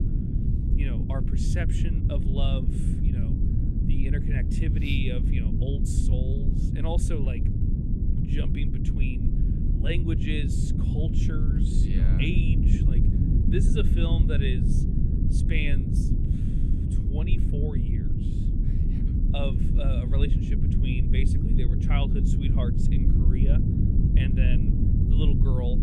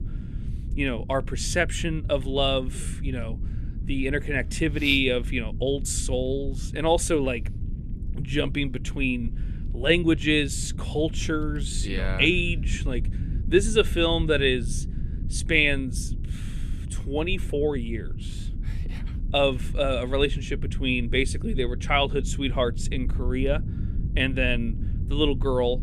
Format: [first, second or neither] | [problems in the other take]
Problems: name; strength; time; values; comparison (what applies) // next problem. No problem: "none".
second | low rumble; loud; throughout; as loud as the speech; faint in the second